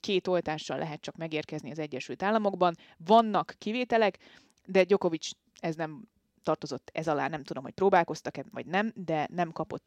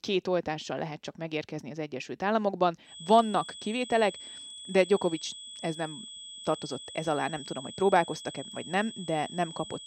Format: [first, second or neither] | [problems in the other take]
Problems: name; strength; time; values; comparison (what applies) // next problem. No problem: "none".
first | high-pitched whine; noticeable; from 3 s on; 3.5 kHz, 10 dB below the speech